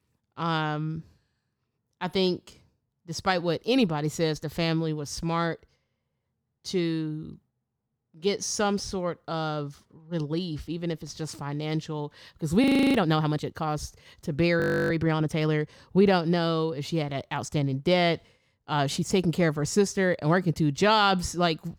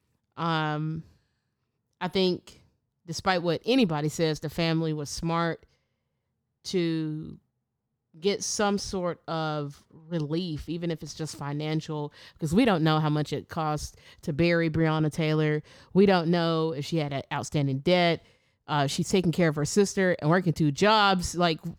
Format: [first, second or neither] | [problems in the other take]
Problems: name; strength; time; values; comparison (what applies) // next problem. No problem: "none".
second | audio freezing; at 13 s and at 15 s